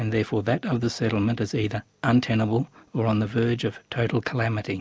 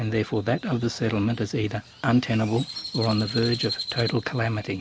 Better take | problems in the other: first | background sound (Crow); 12 dB below the speech

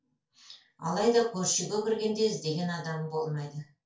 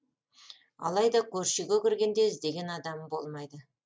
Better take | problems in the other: second | room echo; dies away in 0.3 s

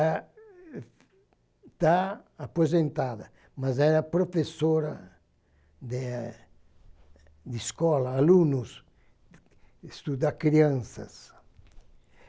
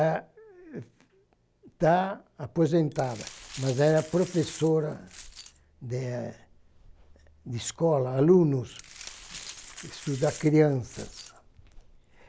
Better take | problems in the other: first | background sound (Glass); 17 dB below the speech

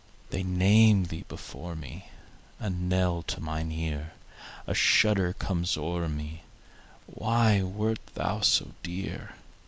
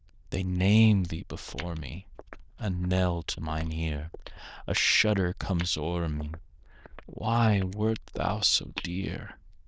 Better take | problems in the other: first | noise reduction (neural diffusion model UNIVERSE++)

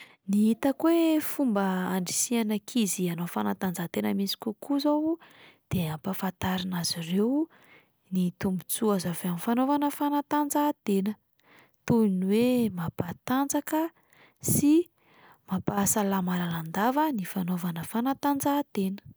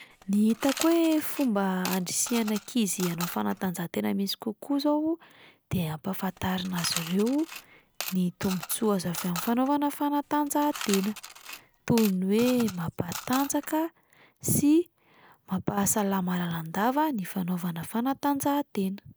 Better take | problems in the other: first | background sound (Coin (dropping) / Mechanisms); 12 dB below the speech

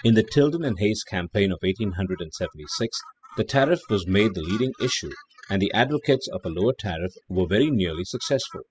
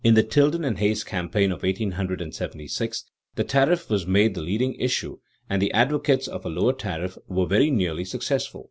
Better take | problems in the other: second | noise reduction (classical method spectral subtraction)

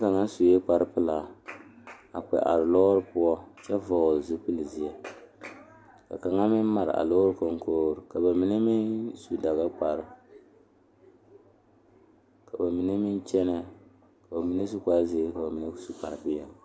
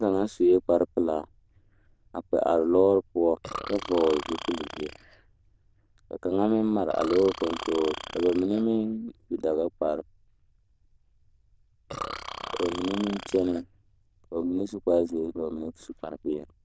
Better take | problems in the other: first | noise reduction (neural diffusion model UNIVERSE++)

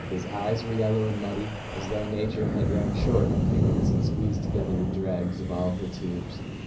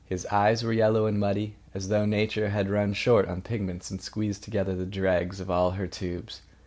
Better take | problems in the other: second | background sound (Wind); 1 dB above the speech // room echo; dies away in 0.5 s

